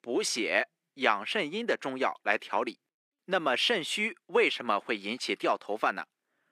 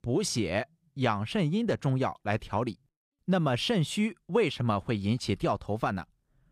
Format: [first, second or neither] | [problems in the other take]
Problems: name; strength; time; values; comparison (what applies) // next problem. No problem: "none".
second | thin; somewhat; fading below 300 Hz